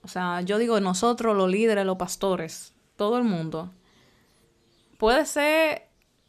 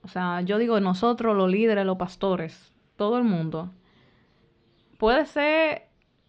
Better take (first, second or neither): first